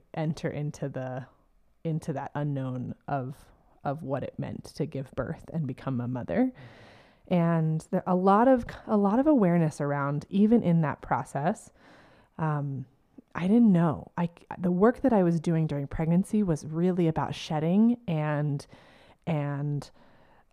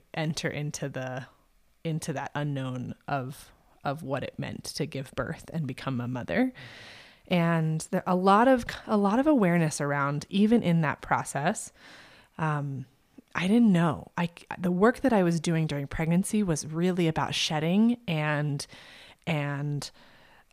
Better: second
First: muffled; slightly; fading above 1.5 kHz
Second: none

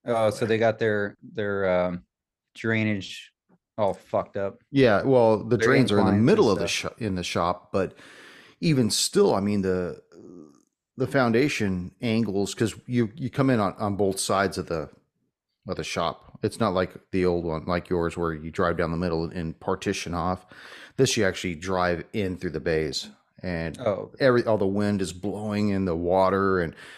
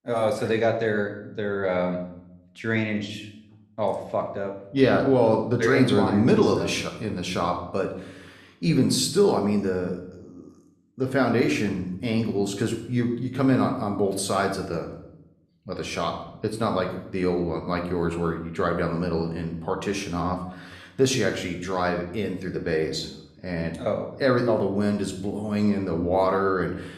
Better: first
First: none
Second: room echo; slight; dies away in 0.6 s

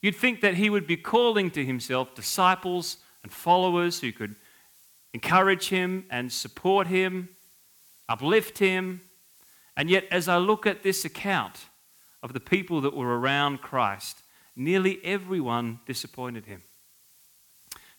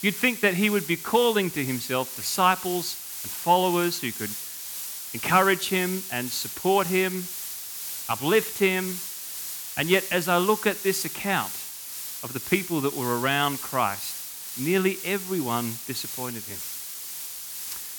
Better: first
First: hiss; faint; throughout; 30 dB below the speech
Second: hiss; loud; throughout; 7 dB below the speech

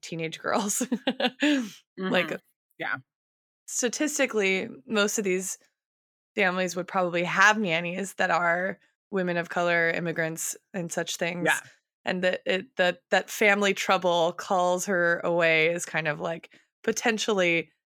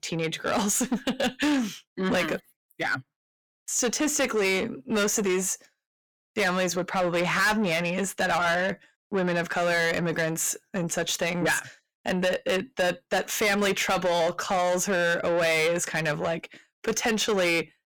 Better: first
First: none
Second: distortion; heavy; 6 dB below the speech

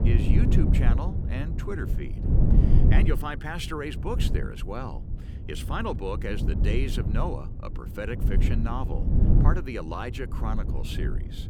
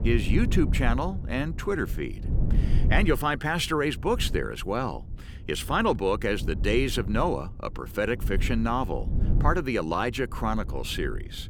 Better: second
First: wind noise on the microphone; heavy; 4 dB below the speech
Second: wind noise on the microphone; occasional gusts; 15 dB below the speech

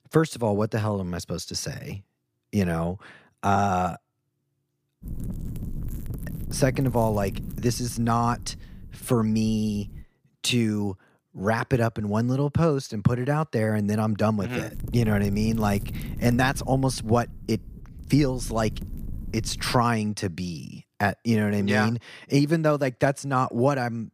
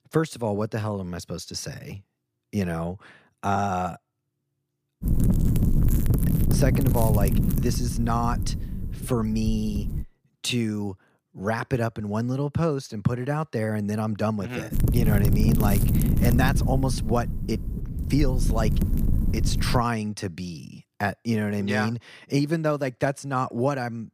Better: first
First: wind noise on the microphone; occasional gusts; from 5 to 10 s and from 15 to 20 s; 20 dB below the speech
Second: wind noise on the microphone; heavy; from 5 to 10 s and from 15 to 20 s; 6 dB below the speech

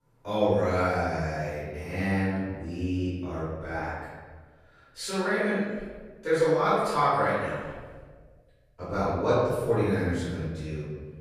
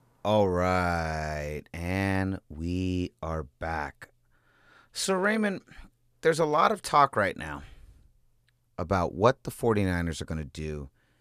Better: second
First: off-mic speech; far // room echo; strong; dies away in 1.3 s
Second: none

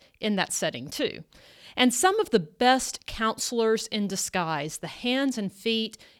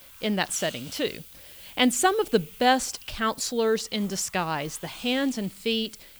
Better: first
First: none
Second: hiss; noticeable; throughout; 20 dB below the speech

